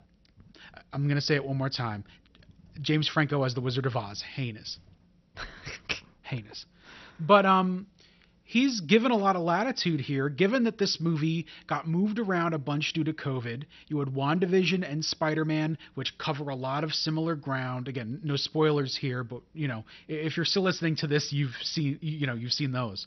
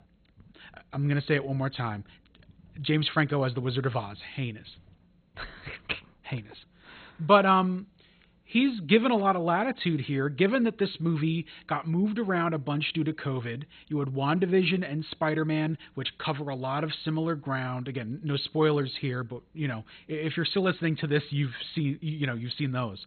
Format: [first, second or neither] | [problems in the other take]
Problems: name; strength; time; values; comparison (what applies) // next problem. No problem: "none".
first | garbled, watery; badly; nothing above 4 kHz; slightly in the first